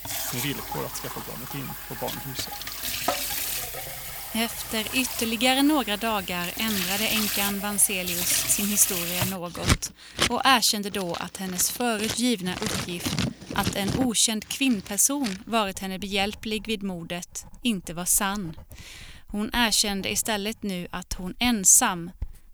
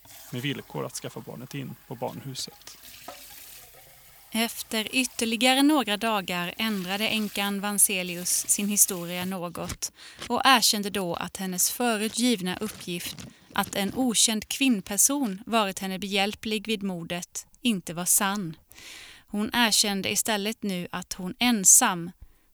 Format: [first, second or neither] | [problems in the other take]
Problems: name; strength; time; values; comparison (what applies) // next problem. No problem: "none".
second | household noises; loud; throughout; 5 dB below the speech; faint in the second